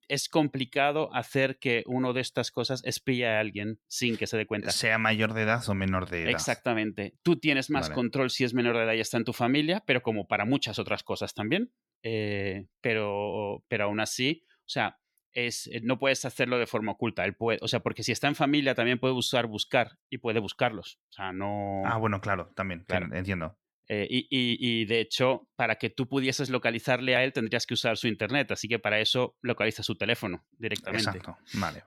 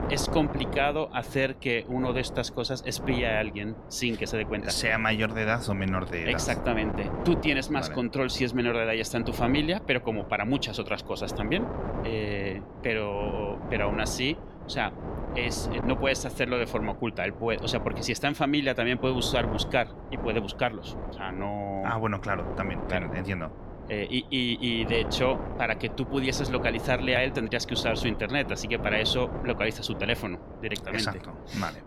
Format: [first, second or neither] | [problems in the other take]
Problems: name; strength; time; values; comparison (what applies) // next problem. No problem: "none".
first | wind noise on the microphone; occasional gusts; 10 dB below the speech